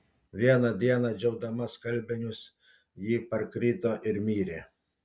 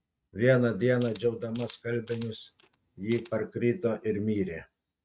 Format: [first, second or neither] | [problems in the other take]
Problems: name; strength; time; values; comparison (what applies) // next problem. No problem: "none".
first | noise reduction (neural mask model RNNoise)